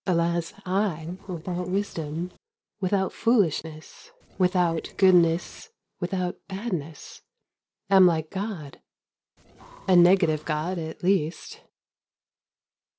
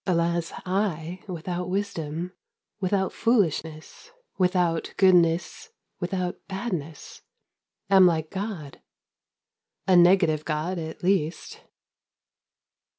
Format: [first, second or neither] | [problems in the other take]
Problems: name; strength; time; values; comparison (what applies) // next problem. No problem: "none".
second | noise reduction (neural separator model SepFormer DNS4)